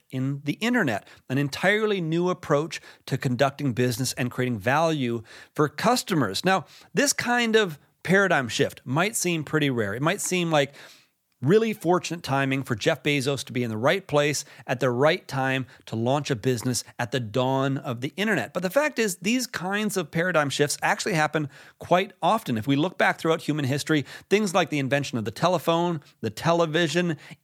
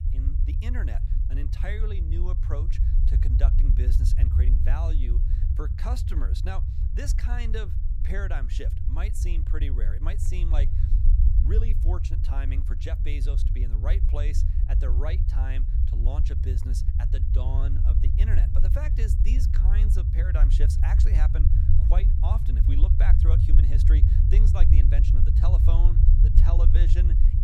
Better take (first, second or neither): first